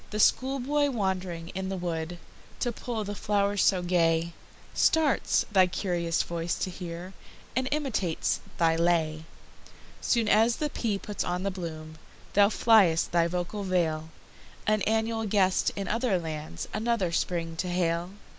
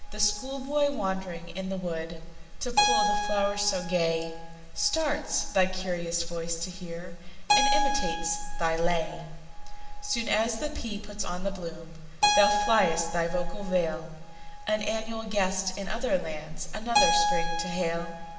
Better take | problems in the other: first | background sound (Keyboard (musical)); 4 dB below the speech // room echo; dies away in 1.1 s

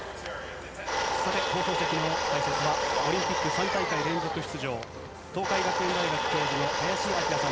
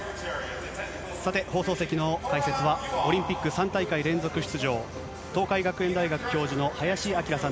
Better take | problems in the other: second | background sound (Domestic sounds, home sounds); 3 dB above the speech

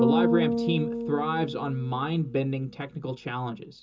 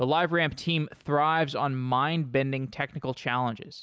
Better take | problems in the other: second | background sound (Bass guitar); 1 dB below the speech // room echo; dies away in 0.2 s

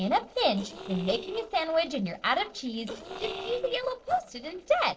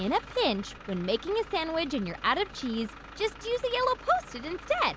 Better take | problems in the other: second | noise reduction (neural separator model SepFormer DNS4)

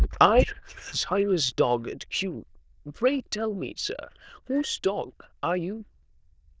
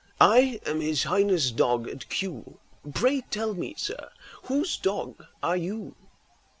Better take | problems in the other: second | noise reduction (neural diffusion model UNIVERSE++)

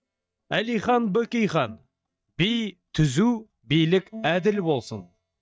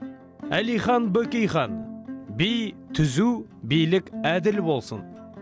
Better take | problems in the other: second | noise reduction (neural mask model DeepFilterNet 3)

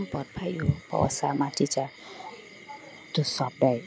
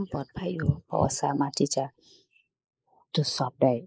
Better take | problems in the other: first | noise reduction (neural mask model Resemble Enhance denoiser)

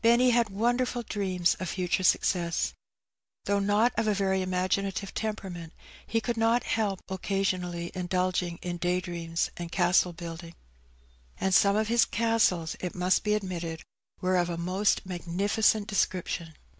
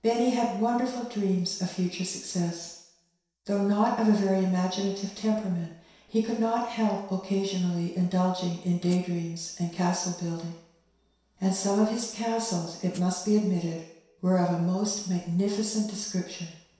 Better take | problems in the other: first | background sound (Hi-hat); 20 dB below the speech // room echo; dies away in 0.7 s

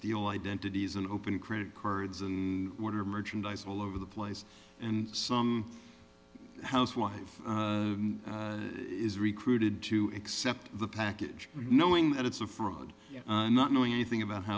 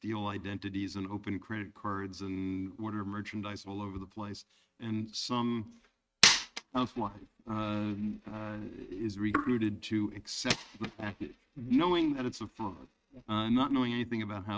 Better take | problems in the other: first | noise reduction (neural mask model RNNoise)

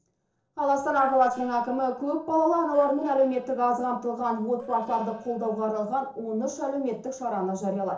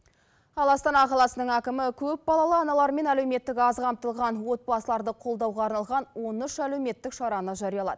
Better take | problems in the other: second | noise reduction (neural separator model SepFormer DNS4)

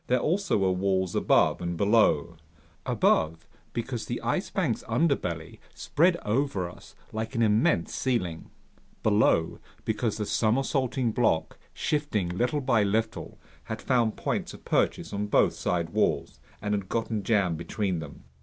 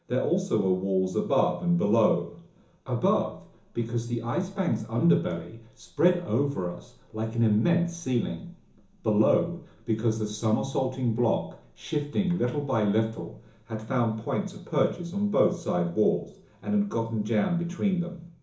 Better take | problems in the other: first | room echo; dies away in 0.7 s

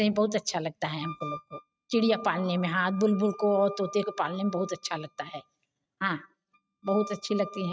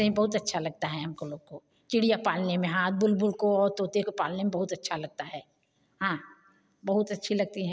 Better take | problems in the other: second | noise reduction (neural mask model RNNoise)

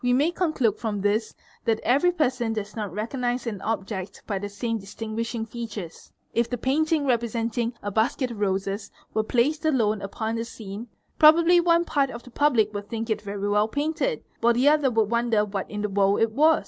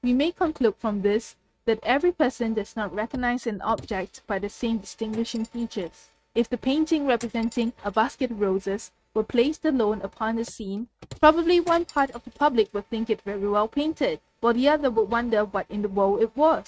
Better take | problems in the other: first | noise reduction (neural mask model RNNoise)

